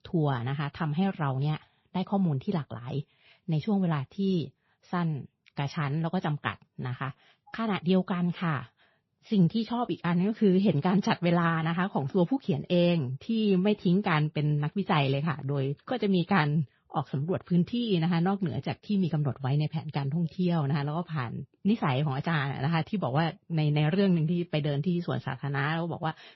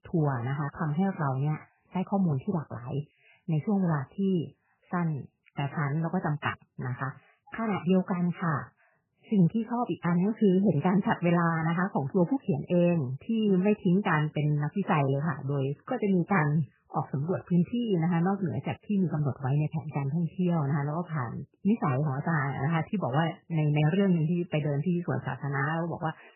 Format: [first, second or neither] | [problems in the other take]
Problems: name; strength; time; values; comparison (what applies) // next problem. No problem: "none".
first | garbled, watery; badly; nothing above 3 kHz; slightly in the first